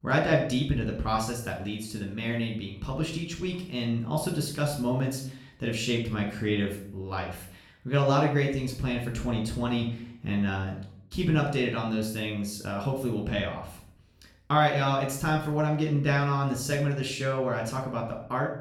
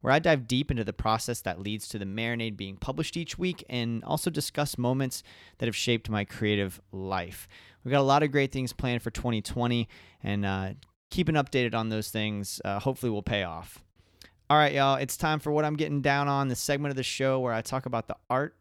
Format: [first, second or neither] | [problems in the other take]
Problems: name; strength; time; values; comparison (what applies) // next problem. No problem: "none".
second | off-mic speech; somewhat distant // room echo; noticeable; dies away in 0.5 s